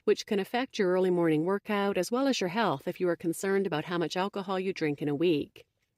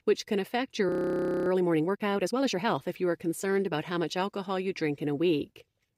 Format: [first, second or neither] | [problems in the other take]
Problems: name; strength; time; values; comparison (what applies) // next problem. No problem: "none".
first | audio freezing; at 1 s for 0.5 s